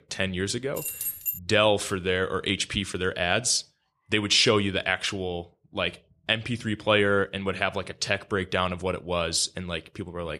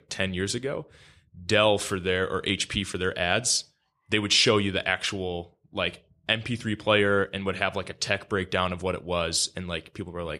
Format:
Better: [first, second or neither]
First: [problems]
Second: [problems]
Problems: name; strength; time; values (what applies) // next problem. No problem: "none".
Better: second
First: jangling keys; noticeable; at 1 s; peak 3 dB below the speech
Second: none